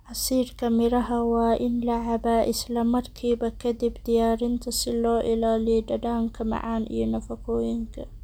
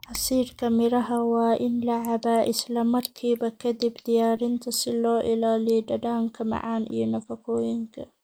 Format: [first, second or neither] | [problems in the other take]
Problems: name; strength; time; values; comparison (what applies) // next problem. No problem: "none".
first | noise reduction (neural mask model Resemble Enhance denoiser)